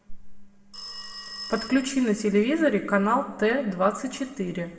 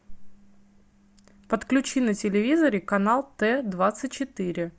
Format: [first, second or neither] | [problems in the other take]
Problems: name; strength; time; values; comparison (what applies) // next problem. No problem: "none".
second | background sound (Telephone); 18 dB below the speech // room echo; dies away in 1.2 s